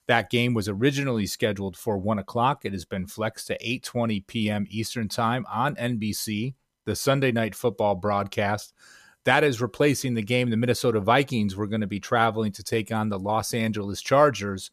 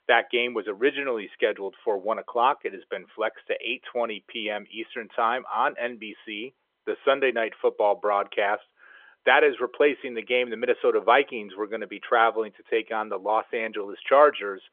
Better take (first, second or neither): first